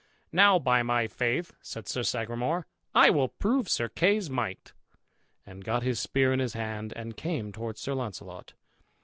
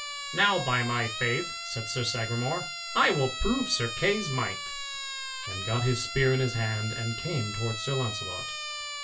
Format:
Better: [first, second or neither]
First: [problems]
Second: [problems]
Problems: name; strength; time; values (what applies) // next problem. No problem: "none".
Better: first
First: none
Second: background sound (Siren); 6 dB below the speech // room echo; dies away in 0.2 s